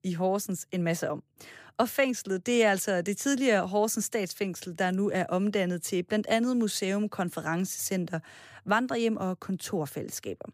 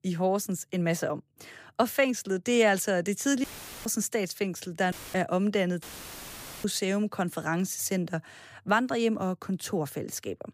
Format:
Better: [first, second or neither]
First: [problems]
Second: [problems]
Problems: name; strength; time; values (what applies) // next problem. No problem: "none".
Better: first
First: none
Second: audio cutting out; filled with static; at 3.5 s, at 5 s and at 6 s for 1 s